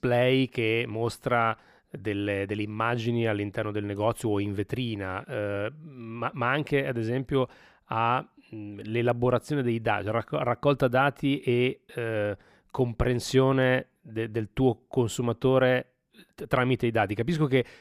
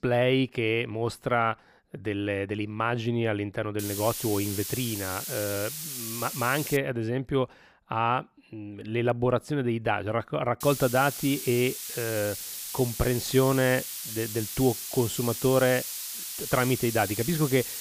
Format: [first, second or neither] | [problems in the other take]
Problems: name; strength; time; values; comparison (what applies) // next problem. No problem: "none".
first | hiss; loud; from 4 to 7 s and from 11 s on; 6 dB below the speech